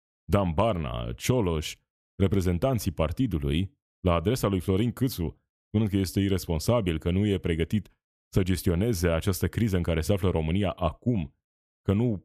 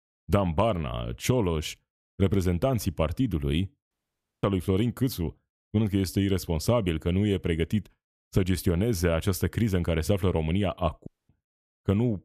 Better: first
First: none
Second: audio cutting out; at 4 s for 0.5 s and at 11 s

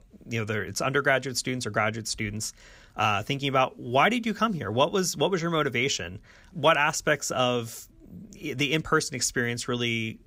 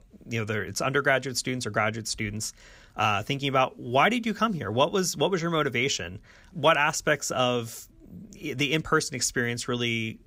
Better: neither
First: none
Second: none

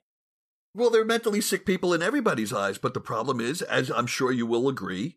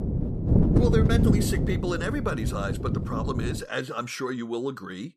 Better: first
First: none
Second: wind noise on the microphone; heavy; until 3.5 s; 2 dB below the speech

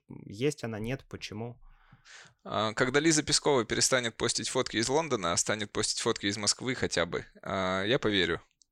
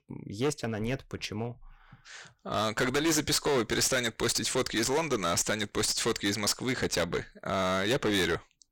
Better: first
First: none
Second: distortion; heavy; 14% of the sound clipped

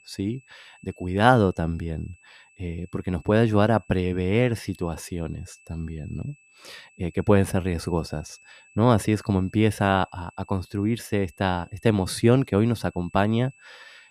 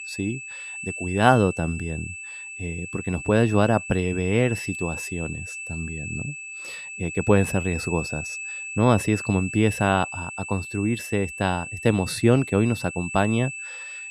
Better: first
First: high-pitched whine; faint; throughout; 2.5 kHz, 30 dB below the speech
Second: high-pitched whine; loud; throughout; 2.5 kHz, 9 dB below the speech

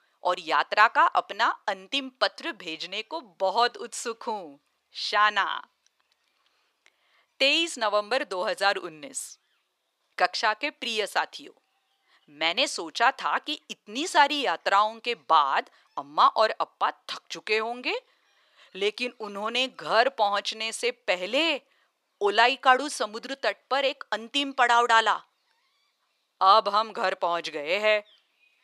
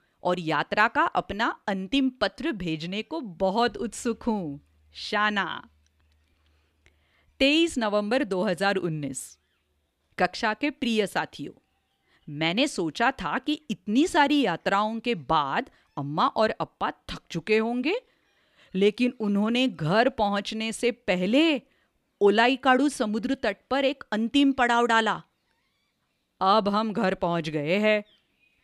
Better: second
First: thin; very; fading below 650 Hz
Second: none

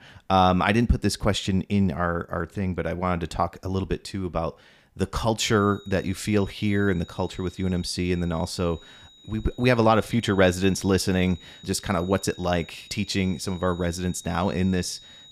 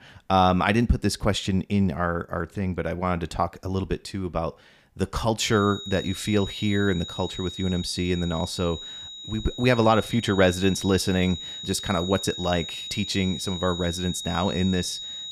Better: first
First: high-pitched whine; faint; from 5.5 s on; 4 kHz, 20 dB below the speech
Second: high-pitched whine; loud; from 5.5 s on; 4 kHz, 9 dB below the speech

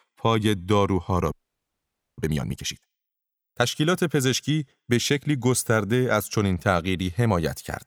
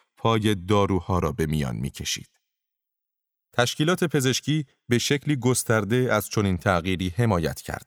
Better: second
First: audio freezing; at 1.5 s for 1 s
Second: none

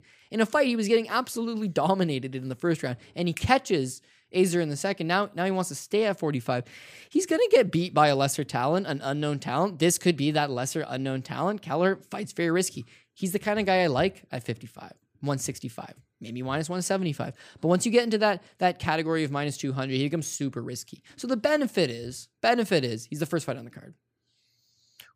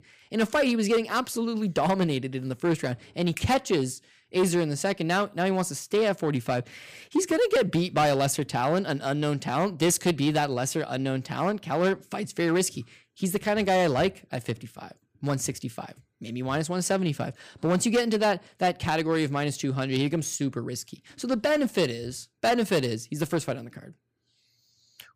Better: first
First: none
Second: distortion; slight; 5% of the sound clipped

